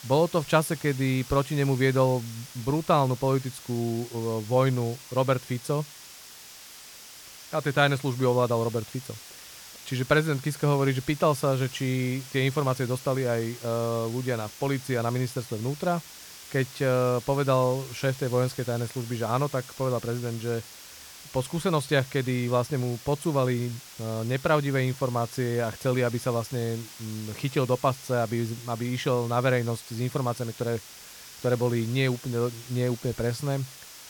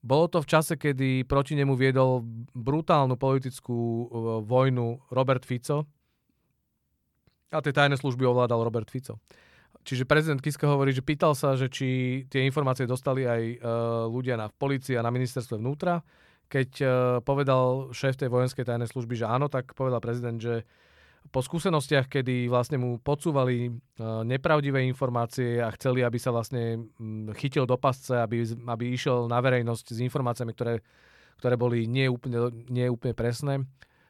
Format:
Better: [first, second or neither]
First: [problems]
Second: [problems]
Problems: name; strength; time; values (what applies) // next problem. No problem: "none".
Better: second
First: hiss; noticeable; throughout; 15 dB below the speech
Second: none